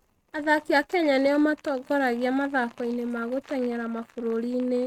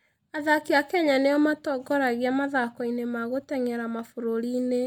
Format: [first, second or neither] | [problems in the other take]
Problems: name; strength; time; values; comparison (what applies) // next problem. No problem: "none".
second | noise reduction (neural mask model RNNoise)